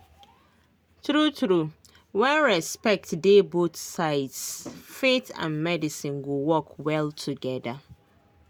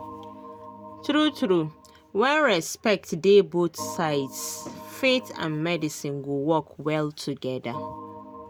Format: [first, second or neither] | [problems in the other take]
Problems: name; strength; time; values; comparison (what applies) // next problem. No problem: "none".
first | background sound (Organ); 17 dB below the speech